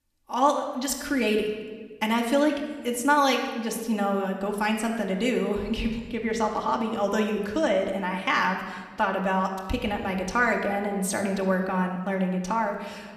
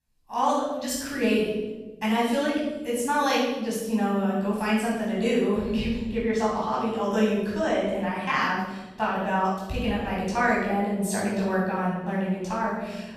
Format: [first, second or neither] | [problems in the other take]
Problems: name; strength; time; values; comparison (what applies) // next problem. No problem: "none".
first | room echo; strong; dies away in 1.2 s; slight in the first // off-mic speech; far; somewhat distant in the first